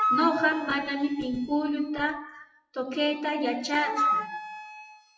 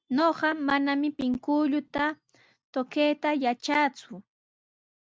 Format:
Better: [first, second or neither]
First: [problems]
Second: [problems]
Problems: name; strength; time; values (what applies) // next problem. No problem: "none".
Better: second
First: noise reduction (classical method WPE with log-MMSE)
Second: none